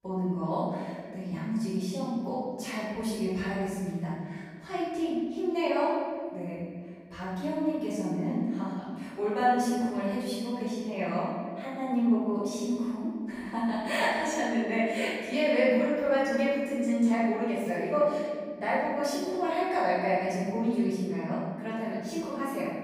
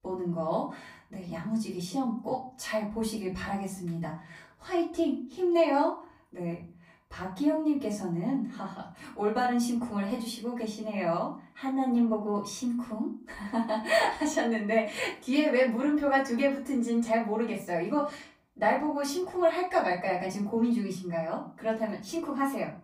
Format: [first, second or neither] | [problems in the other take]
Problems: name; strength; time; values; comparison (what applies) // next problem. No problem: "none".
second | room echo; strong; dies away in 1.8 s; slight in the second // off-mic speech; far; far in the second